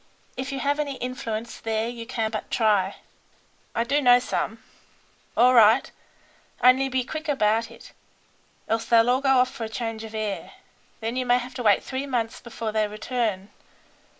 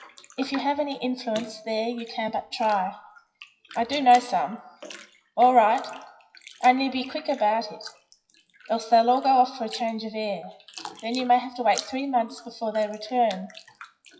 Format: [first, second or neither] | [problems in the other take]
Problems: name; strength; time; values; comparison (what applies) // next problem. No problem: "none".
first | noise reduction (classical method WPE with log-MMSE)